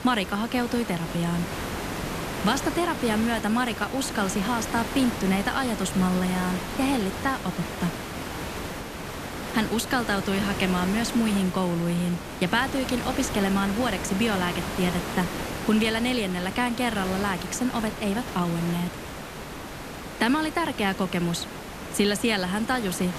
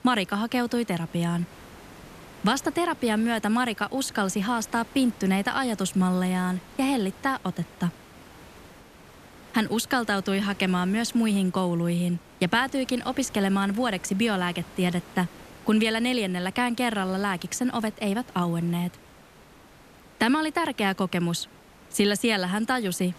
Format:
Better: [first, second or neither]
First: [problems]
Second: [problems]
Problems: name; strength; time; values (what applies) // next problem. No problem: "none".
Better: second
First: hiss; loud; throughout; 7 dB below the speech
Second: hiss; faint; throughout; 20 dB below the speech